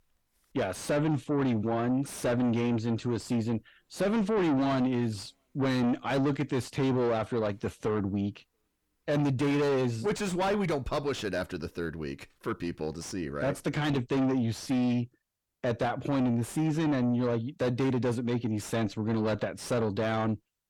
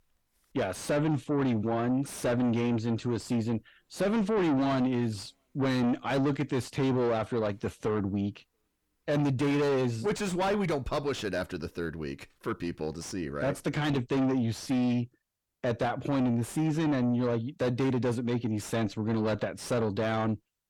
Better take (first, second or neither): neither